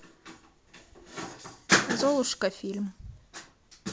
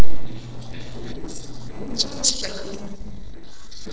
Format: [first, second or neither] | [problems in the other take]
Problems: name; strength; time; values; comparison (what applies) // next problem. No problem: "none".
first | noise reduction (neural separator model SepFormer DNS4)